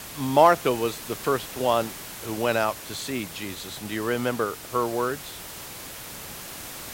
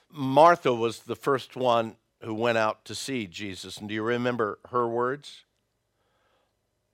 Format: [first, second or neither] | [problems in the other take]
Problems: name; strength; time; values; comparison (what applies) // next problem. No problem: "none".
second | hiss; noticeable; throughout; 10 dB below the speech